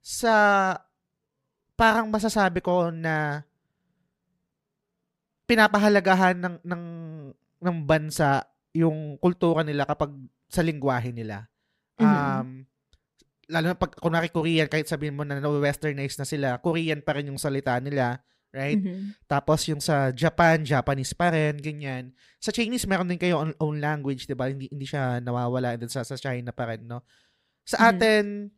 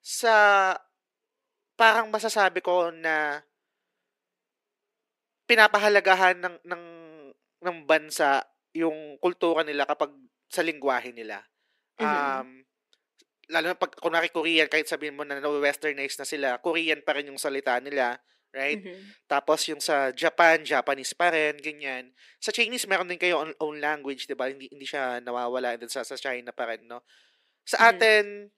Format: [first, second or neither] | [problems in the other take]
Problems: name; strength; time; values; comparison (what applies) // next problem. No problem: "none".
first | thin; very; fading below 350 Hz